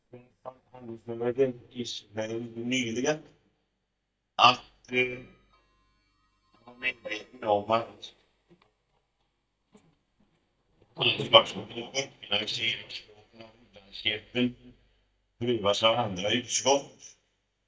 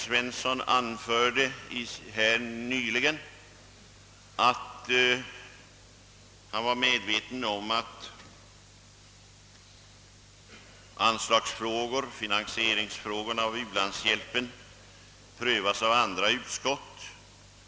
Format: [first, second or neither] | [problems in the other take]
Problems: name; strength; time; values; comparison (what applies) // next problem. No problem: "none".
second | noise reduction (neural mask model DeepFilterNet 3)